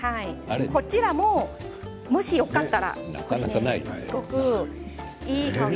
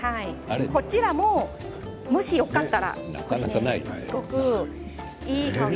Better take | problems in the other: first | background sound (Thunder + Brass instrument); 19 dB below the speech

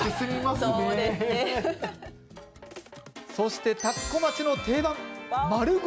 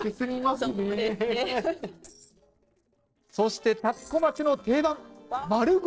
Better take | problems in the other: first | noise reduction (neural separator model SepFormer DNS4)

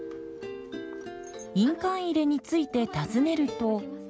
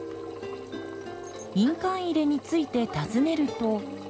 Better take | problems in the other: first | background sound (Engine); 16 dB below the speech

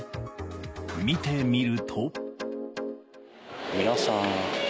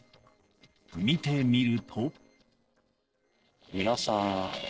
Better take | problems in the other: first | noise reduction (neural separator model SepFormer DNS4)

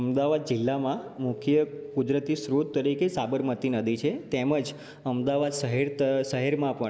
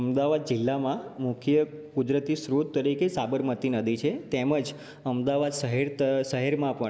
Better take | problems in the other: second | background sound (Telephone); 18 dB below the speech

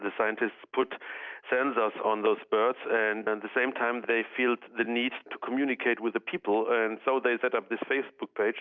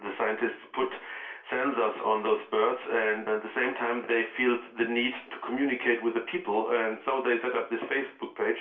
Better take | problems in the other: first | room echo; dies away in 0.3 s

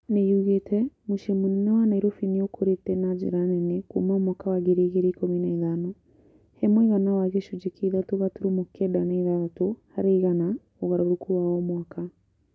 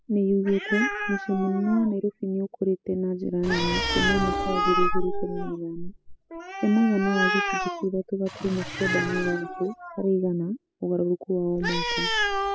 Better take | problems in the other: first | noise reduction (classical method spectral subtraction)

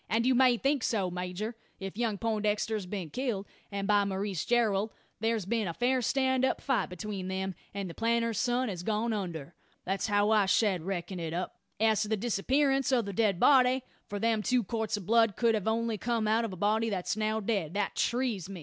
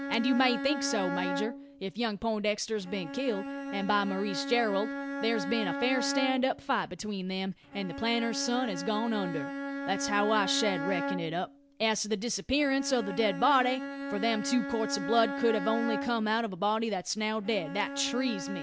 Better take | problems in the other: first | background sound (Bowed string instrument); 6 dB below the speech

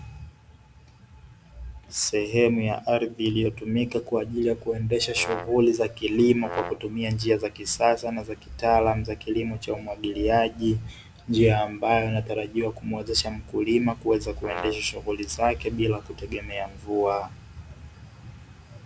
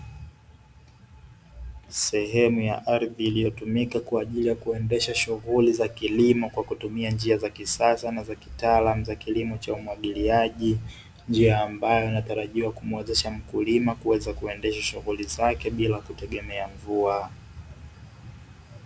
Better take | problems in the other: second | background sound (Brass instrument); 10 dB below the speech

